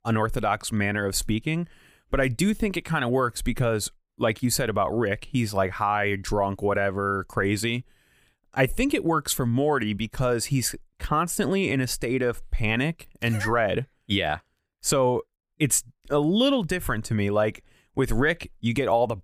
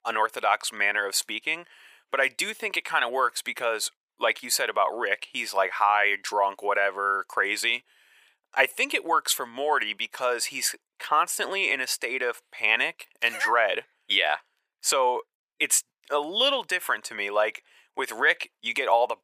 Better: first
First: none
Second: thin; very; fading below 500 Hz

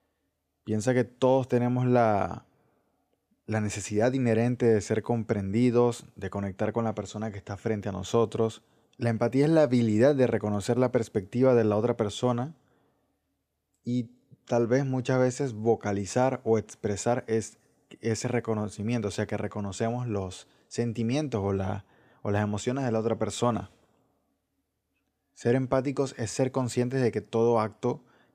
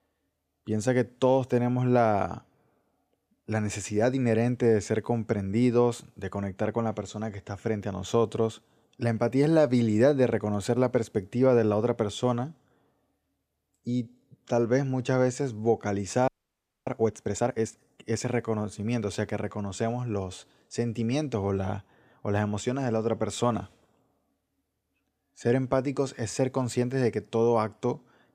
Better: first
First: none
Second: audio freezing; at 16 s for 0.5 s

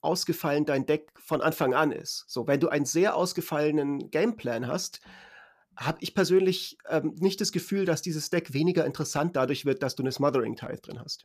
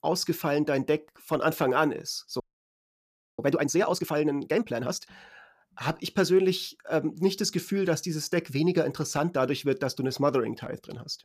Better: first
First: none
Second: audio freezing; at 2.5 s for 1 s

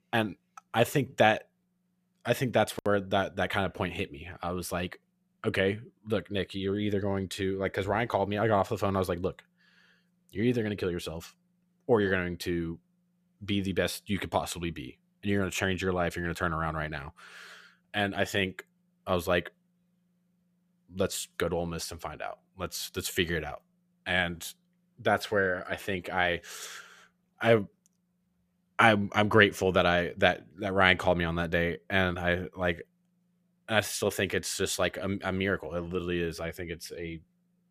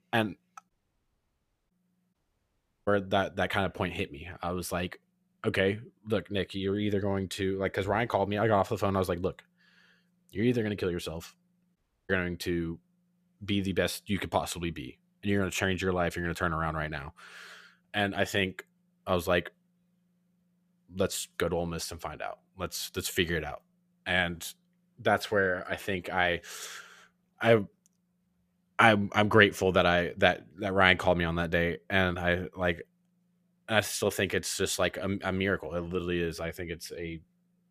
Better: first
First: none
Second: audio cutting out; at 0.5 s for 1 s, at 2 s for 0.5 s and at 12 s

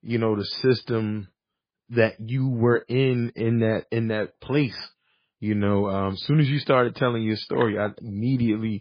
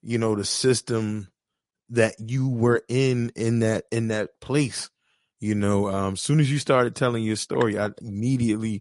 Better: second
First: garbled, watery; badly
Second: garbled, watery; slightly; nothing above 11 kHz

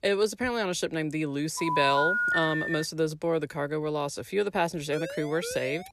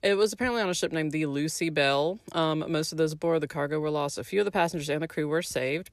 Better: second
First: phone ringing; loud; from 1.5 to 3 s; peak 4 dB above the speech // siren; noticeable; at 5 s; peak 8 dB below the speech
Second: none

